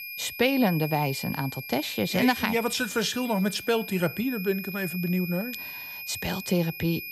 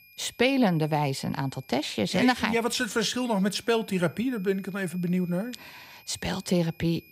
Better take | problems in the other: second | high-pitched whine; loud; throughout; 2.5 kHz, 9 dB below the speech; faint in the second

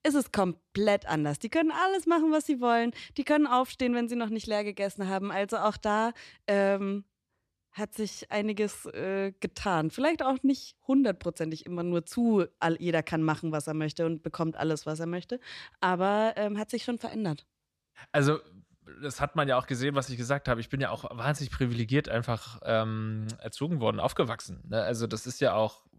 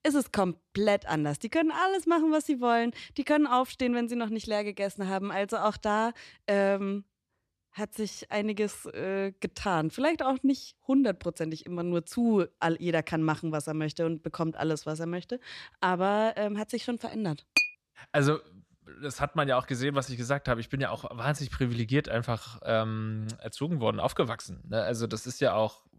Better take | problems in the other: first | clattering dishes; loud; at 18 s; peak 4 dB above the speech

